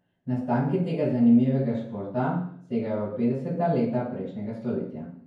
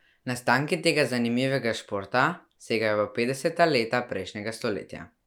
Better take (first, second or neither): second